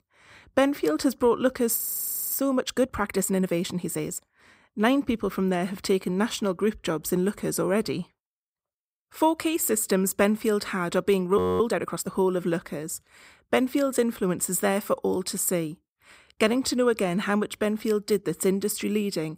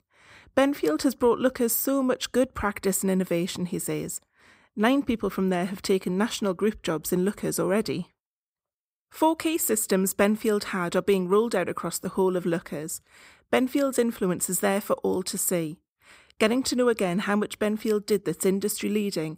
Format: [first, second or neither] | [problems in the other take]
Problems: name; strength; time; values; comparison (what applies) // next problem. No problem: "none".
second | audio freezing; at 2 s for 0.5 s and at 11 s